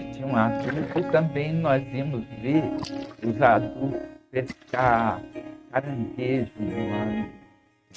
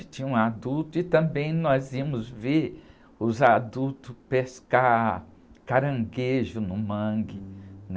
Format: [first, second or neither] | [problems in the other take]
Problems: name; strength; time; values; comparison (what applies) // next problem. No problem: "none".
second | noise reduction (neural mask model RNNoise)